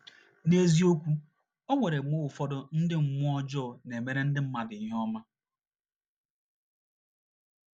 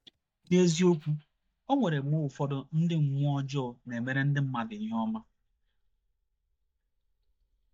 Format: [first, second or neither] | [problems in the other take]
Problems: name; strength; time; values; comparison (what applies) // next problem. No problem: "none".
first | noise reduction (neural mask model DeepFilterNet 3)